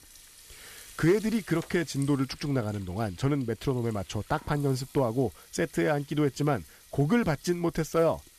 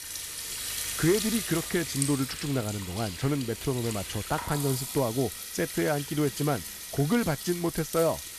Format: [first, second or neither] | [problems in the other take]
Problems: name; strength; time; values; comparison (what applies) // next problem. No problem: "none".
first | household noises; loud; throughout; 5 dB below the speech; faint in the first